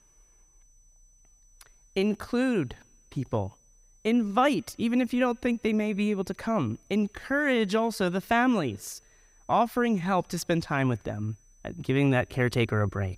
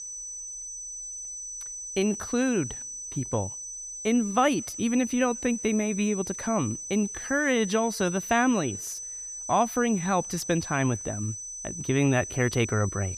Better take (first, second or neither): first